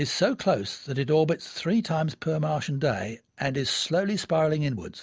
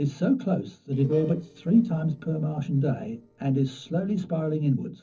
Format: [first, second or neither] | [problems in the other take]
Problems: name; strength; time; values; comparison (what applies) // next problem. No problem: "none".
first | noise reduction (neural separator model SepFormer DNS4)